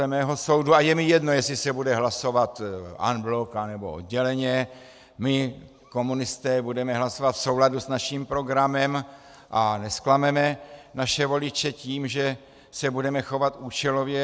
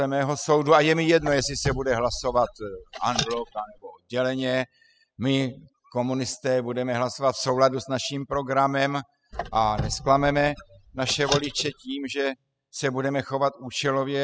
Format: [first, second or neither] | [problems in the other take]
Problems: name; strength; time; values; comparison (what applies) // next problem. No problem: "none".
first | noise reduction (classical method spectral subtraction)